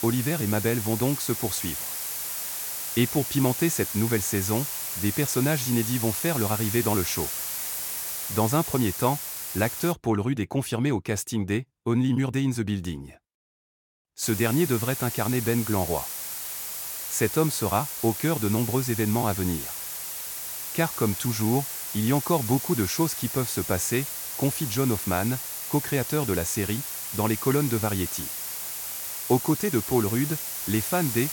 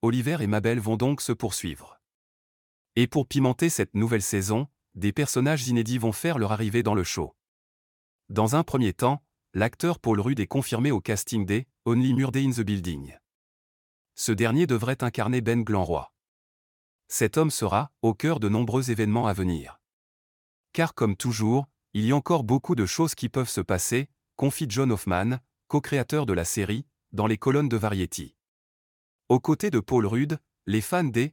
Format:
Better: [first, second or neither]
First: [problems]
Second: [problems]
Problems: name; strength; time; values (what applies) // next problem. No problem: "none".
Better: second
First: hiss; loud; until 10 s and from 14 s on; 4 dB below the speech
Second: none